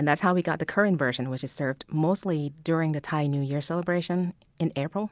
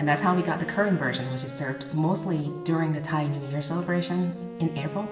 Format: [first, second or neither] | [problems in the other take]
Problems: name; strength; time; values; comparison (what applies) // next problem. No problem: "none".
first | background sound (Wind instrument, woodwind instrument); 12 dB below the speech // room echo; dies away in 1.1 s